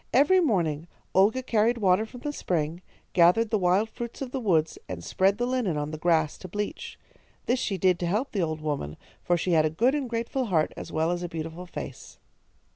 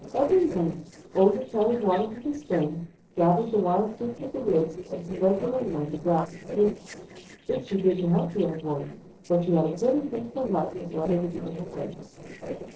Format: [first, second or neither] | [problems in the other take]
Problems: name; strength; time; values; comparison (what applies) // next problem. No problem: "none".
first | noise reduction (neural separator model SepFormer DNS4)